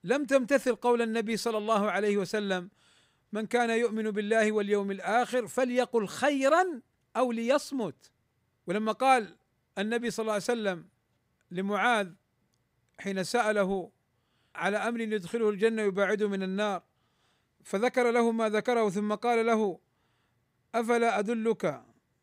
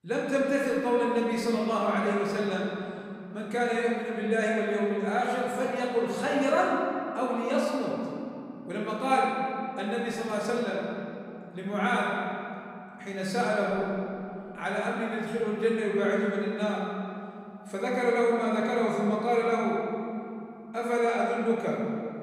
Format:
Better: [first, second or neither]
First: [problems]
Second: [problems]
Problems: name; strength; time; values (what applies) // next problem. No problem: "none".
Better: first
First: none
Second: room echo; noticeable; dies away in 2.9 s // off-mic speech; far